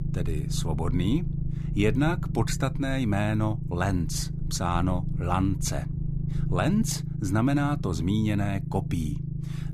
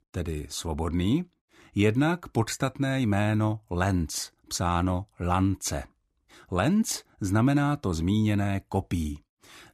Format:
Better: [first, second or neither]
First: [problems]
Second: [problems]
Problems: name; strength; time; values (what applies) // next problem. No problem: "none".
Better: second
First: low rumble; noticeable; throughout; 10 dB below the speech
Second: none